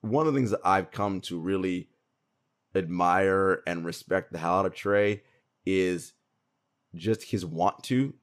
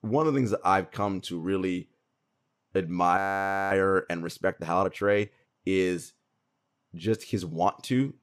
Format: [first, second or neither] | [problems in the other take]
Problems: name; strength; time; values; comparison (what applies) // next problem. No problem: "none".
first | audio freezing; at 3 s for 0.5 s